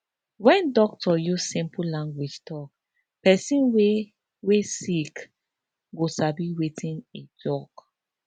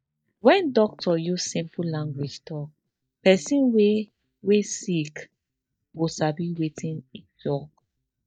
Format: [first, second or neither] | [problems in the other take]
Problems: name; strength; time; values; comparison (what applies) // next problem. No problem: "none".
first | noise reduction (neural mask model DeepFilterNet 3)